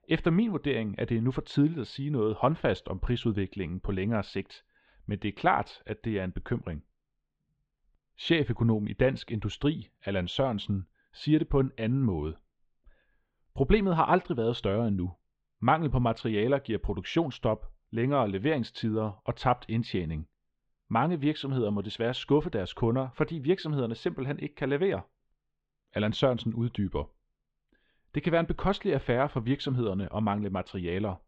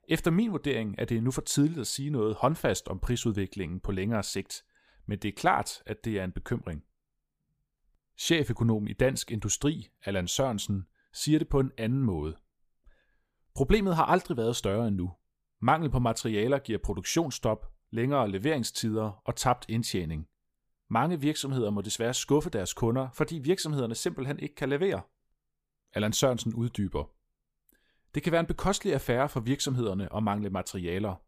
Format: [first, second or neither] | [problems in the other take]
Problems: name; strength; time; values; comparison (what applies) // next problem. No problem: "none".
second | muffled; slightly; fading above 3.5 kHz